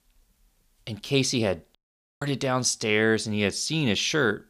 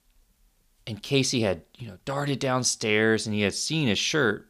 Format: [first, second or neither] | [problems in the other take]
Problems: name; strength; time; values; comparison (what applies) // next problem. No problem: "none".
second | audio cutting out; at 2 s